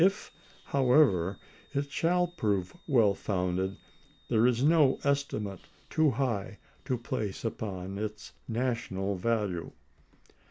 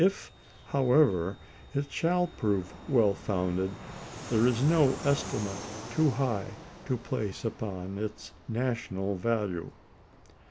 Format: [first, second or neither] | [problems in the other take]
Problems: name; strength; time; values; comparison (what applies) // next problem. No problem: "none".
first | background sound (Fixed-wing aircraft, airplane); 15 dB below the speech